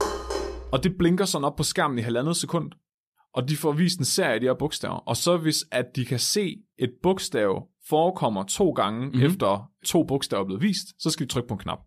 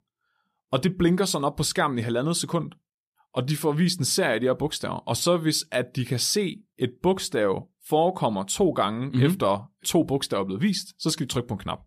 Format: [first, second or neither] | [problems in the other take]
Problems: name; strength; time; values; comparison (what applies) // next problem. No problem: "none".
second | clattering dishes; noticeable; at the start; peak 3 dB below the speech